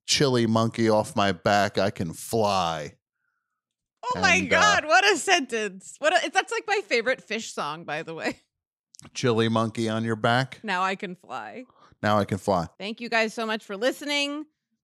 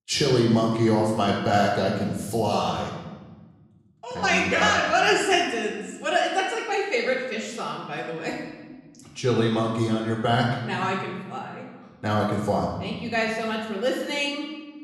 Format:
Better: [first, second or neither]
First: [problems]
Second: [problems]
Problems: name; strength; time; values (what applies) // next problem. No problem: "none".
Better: first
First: none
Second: off-mic speech; far // room echo; noticeable; dies away in 1.4 s